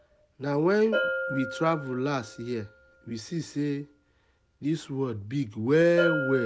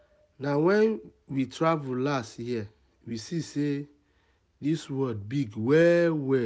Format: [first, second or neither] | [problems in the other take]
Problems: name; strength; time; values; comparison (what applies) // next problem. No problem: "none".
second | background sound (Bell); 8 dB below the speech